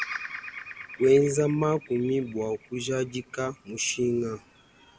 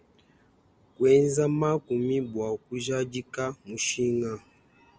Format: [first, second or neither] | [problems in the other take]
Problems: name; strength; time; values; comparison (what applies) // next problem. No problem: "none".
second | background sound (Bird vocalization, bird call, bird song); 15 dB below the speech